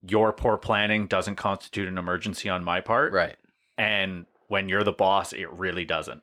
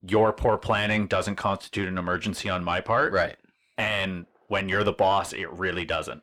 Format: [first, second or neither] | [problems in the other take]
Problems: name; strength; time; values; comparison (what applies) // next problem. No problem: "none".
first | distortion; slight; 10 dB below the speech